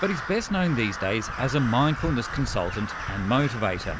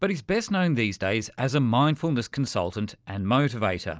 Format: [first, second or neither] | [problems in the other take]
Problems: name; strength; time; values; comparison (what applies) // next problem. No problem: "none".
second | background sound (Crow); 8 dB below the speech